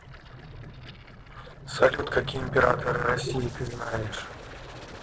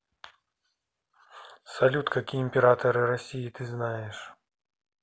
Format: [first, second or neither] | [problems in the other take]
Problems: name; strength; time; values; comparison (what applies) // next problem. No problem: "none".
second | noise reduction (neural separator model SepFormer DNS4)